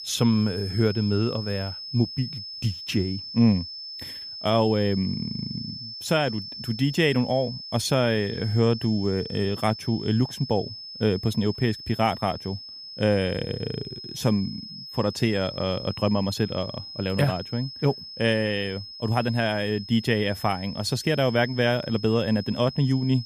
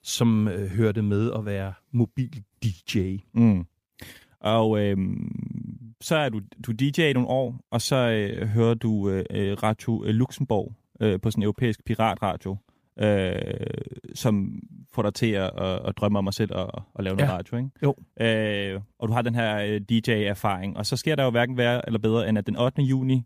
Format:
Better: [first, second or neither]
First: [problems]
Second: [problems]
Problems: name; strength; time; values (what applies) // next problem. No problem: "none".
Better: second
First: high-pitched whine; noticeable; throughout; 5 kHz, 10 dB below the speech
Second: none